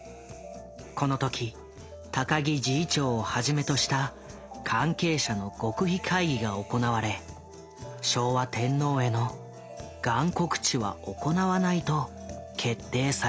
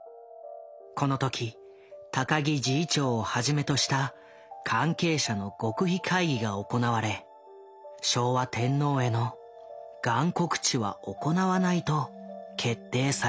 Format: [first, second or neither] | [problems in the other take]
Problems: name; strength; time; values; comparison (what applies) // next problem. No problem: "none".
second | background sound (Guitar); 17 dB below the speech